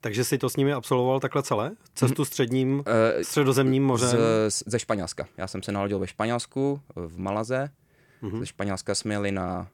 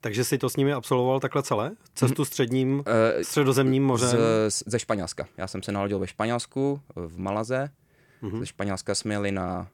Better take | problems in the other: neither | none

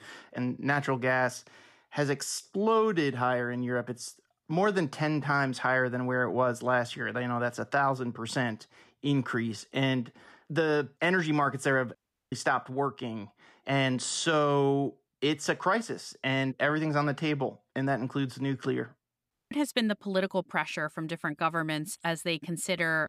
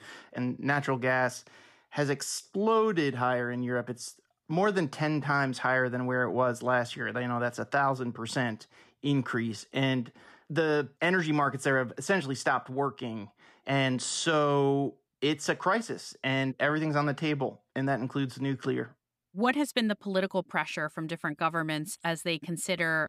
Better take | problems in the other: second | audio cutting out; at 12 s and at 19 s

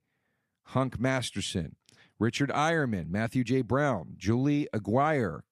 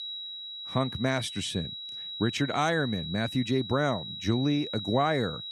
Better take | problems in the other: first | high-pitched whine; loud; throughout; 4 kHz, 8 dB below the speech

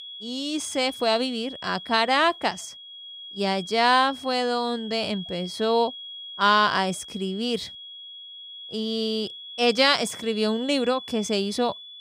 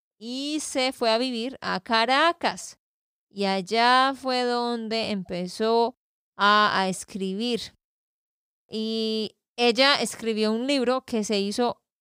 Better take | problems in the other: second | high-pitched whine; noticeable; throughout; 3.5 kHz, 15 dB below the speech

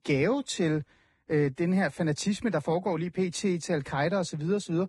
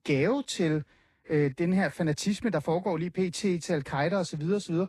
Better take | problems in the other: second | garbled, watery; badly; nothing above 10 kHz; slightly in the second

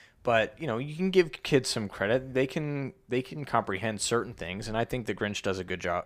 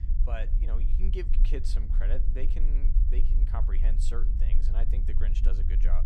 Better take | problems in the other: first | low rumble; loud; throughout; 6 dB below the speech

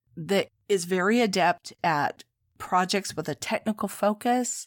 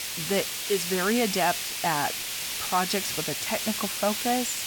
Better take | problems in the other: first | hiss; loud; throughout; 1 dB below the speech

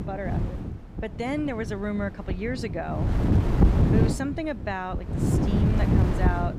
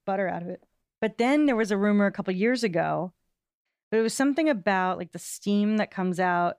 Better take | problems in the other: second | wind noise on the microphone; heavy; as loud as the speech

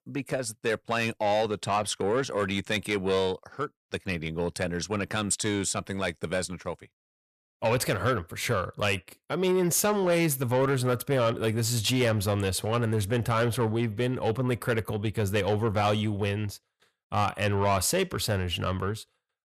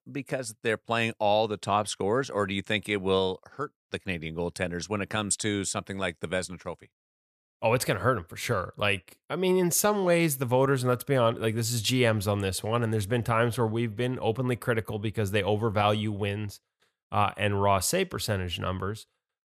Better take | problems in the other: second | distortion; slight; 10 dB below the speech

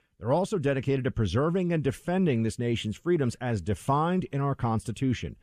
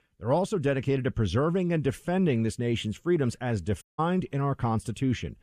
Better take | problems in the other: first | audio cutting out; at 4 s

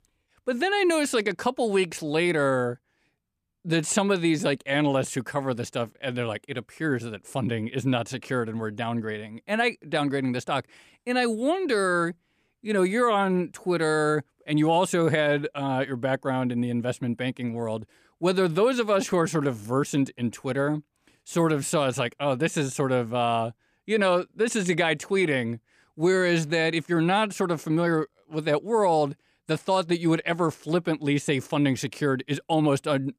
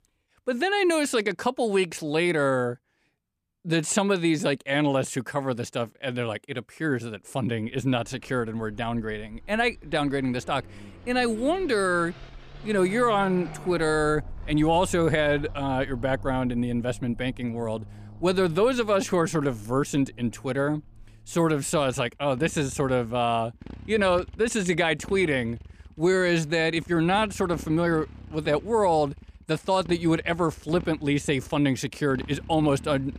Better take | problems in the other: first | traffic noise; noticeable; from 7.5 s on; 20 dB below the speech

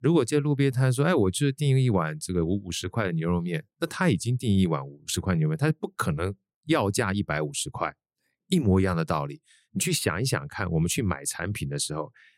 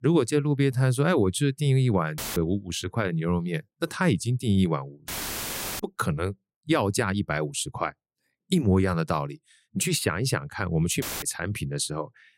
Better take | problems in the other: first | audio cutting out; filled with static; at 2 s, at 5 s for 0.5 s and at 11 s

